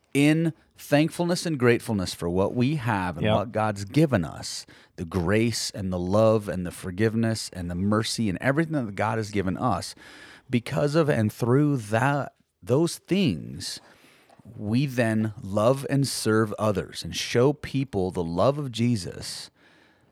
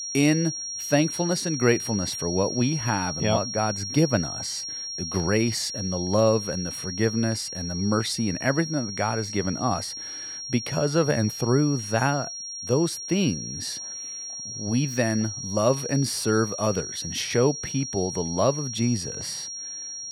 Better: first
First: none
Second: high-pitched whine; loud; throughout; 5.5 kHz, 6 dB below the speech

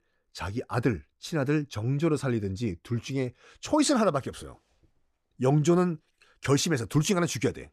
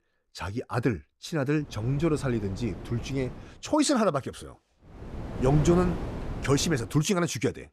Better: first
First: none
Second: wind noise on the microphone; occasional gusts; from 1.5 to 3.5 s and from 5 to 7 s; 10 dB below the speech

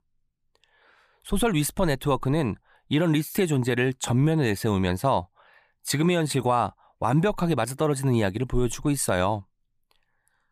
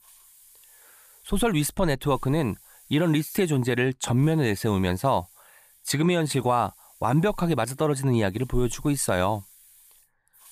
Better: first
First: none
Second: hiss; faint; throughout; 25 dB below the speech

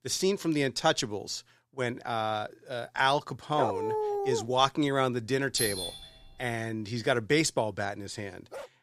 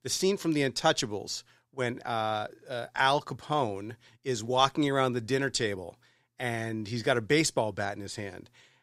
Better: second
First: dog barking; noticeable; at 3.5 s; peak 1 dB below the speech // doorbell; noticeable; at 5.5 s; peak 2 dB below the speech // dog barking; faint; at 8.5 s; peak 15 dB below the speech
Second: none

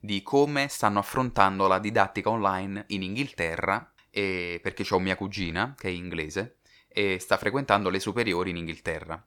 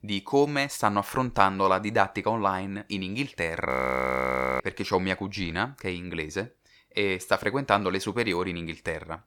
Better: first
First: none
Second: audio freezing; at 3.5 s for 1 s

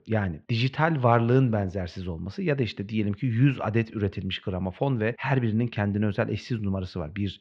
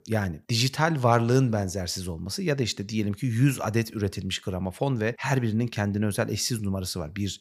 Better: second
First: muffled; slightly; fading above 3 kHz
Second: none

